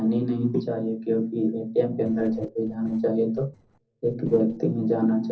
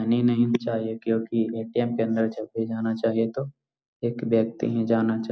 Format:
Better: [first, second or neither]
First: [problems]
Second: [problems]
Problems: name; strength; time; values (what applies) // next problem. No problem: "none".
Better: second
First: noise reduction (neural separator model SepFormer DNS4)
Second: none